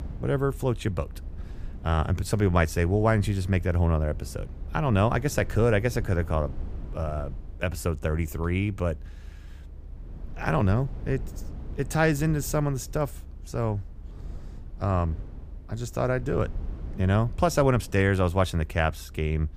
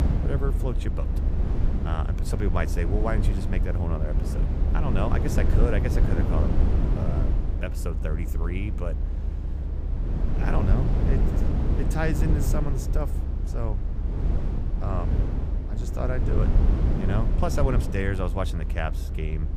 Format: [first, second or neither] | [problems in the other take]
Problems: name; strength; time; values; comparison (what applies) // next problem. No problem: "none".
first | low rumble; loud; throughout; 4 dB below the speech; faint in the first